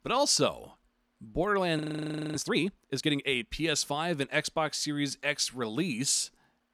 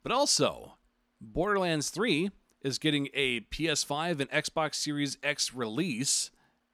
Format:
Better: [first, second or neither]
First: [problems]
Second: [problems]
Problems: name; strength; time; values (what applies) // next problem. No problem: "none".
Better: second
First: audio freezing; at 2 s for 0.5 s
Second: none